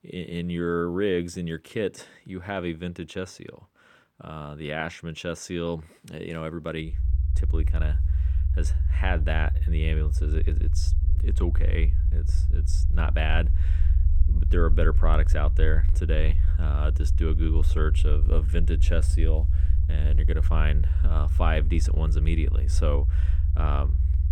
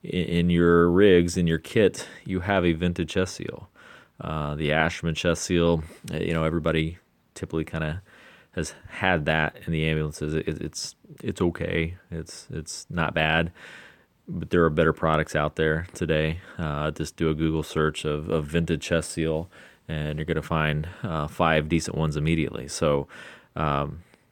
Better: second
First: low rumble; noticeable; from 7 s on; 10 dB below the speech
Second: none

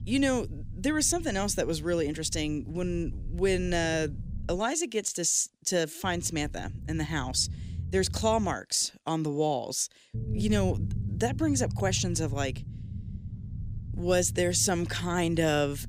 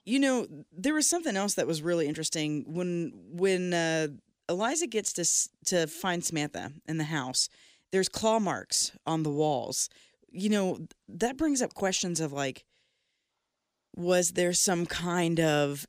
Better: second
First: low rumble; faint; until 4.5 s, from 6 to 8.5 s and from 10 s on; 20 dB below the speech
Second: none

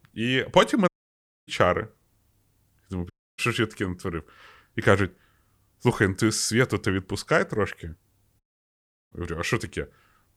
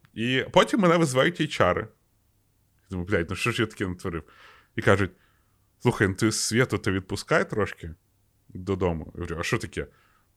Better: second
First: audio cutting out; at 1 s for 0.5 s, at 3 s and at 8.5 s for 0.5 s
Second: none

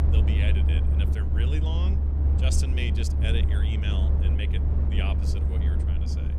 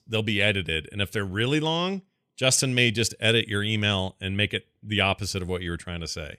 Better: second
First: low rumble; loud; throughout; 2 dB below the speech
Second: none

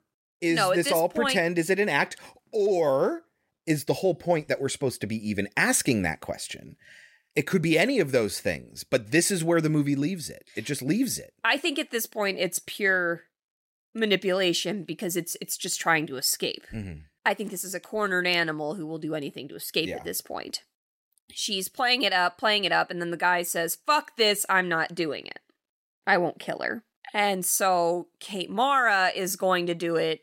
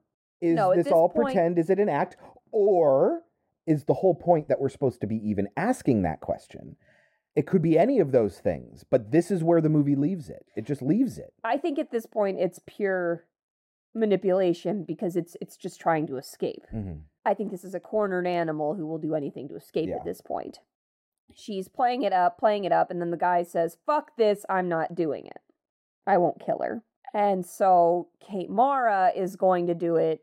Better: first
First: none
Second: muffled; very; fading above 1.5 kHz

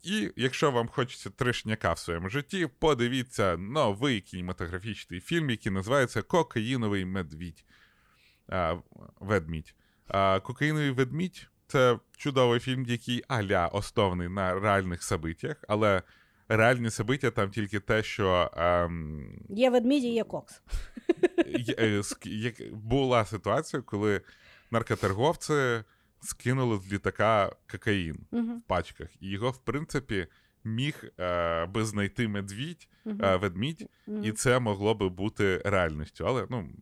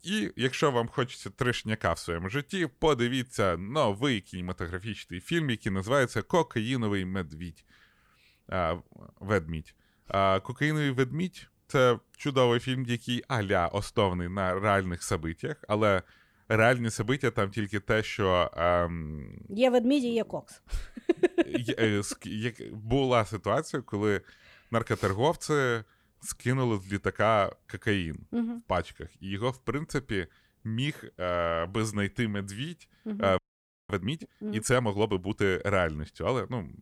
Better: first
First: none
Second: audio freezing; at 33 s for 0.5 s

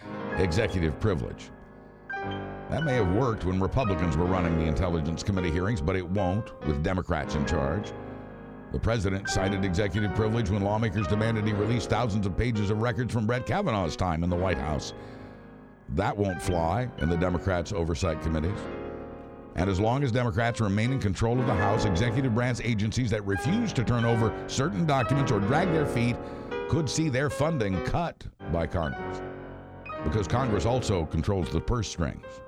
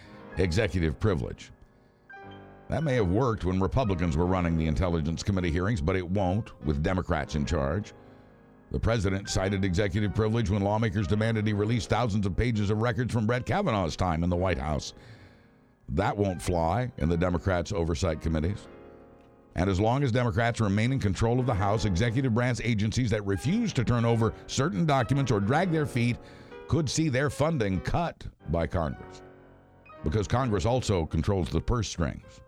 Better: second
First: background music; loud; throughout; 9 dB below the speech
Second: background music; faint; throughout; 20 dB below the speech

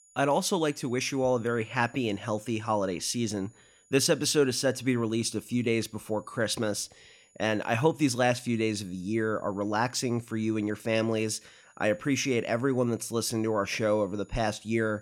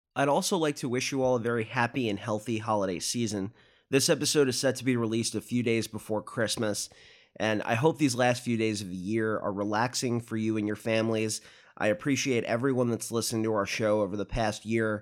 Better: second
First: high-pitched whine; faint; throughout; 7 kHz, 30 dB below the speech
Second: none

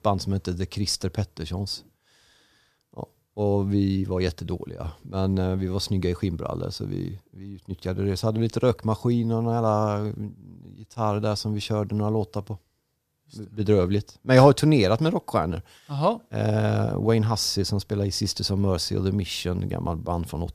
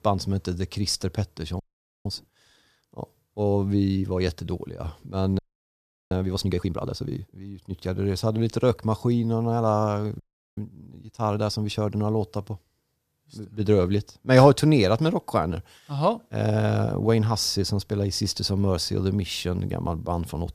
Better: first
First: none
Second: audio freezing; at 1.5 s, at 5.5 s for 0.5 s and at 10 s

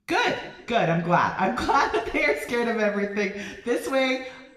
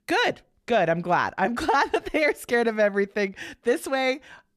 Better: second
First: room echo; slight; dies away in 0.9 s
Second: none

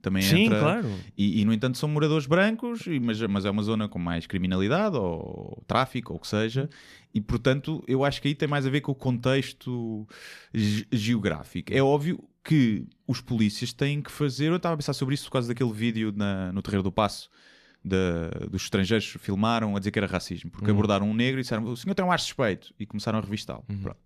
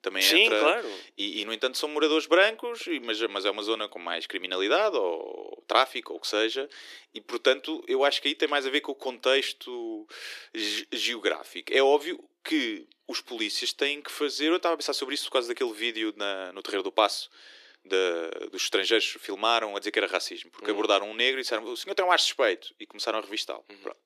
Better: first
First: none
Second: thin; very; fading below 300 Hz

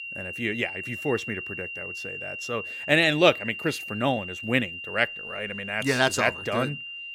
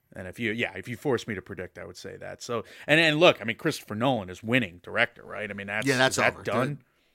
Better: second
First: high-pitched whine; loud; throughout; 3 kHz, 8 dB below the speech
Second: none

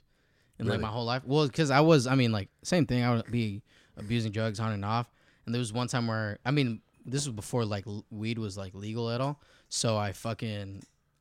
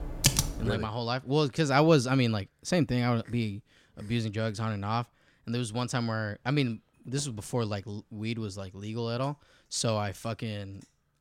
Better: first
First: none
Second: keyboard typing; loud; at the start; peak 5 dB above the speech

